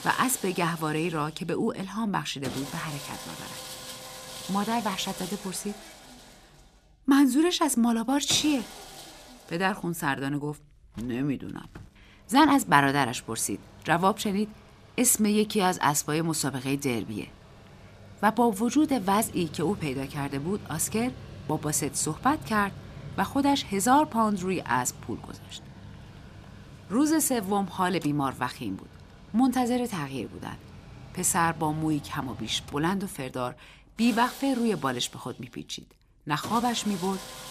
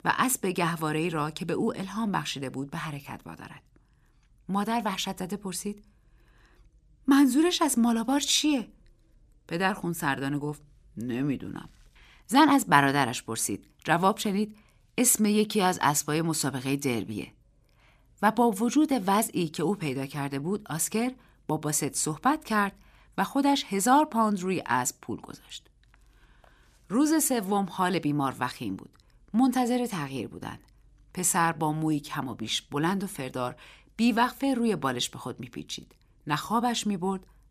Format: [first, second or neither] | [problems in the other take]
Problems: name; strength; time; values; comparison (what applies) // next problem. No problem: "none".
second | machinery noise; noticeable; throughout; 15 dB below the speech